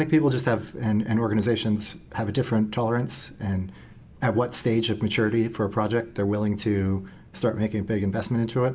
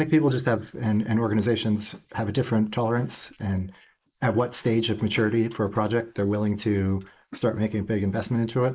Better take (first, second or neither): first